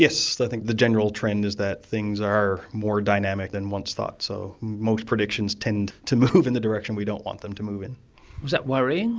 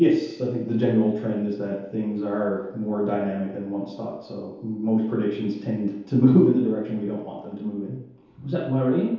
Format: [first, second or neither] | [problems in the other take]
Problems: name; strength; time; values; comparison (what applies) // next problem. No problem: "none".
first | room echo; dies away in 0.8 s